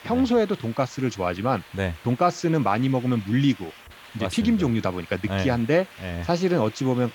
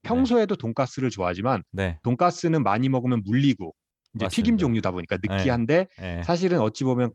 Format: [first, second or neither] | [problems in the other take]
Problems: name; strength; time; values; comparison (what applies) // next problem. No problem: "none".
second | hiss; faint; throughout; 20 dB below the speech